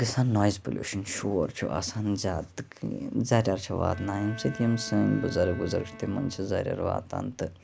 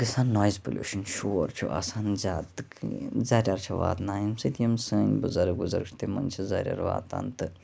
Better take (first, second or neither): second